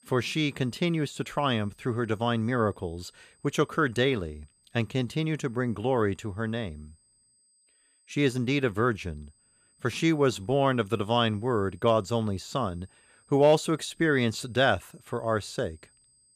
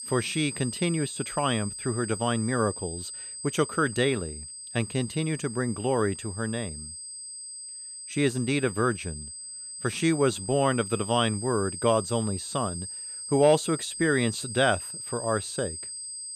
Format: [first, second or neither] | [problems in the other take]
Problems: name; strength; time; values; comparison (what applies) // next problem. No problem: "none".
first | high-pitched whine; loud; throughout; 8 kHz, 8 dB below the speech; faint in the first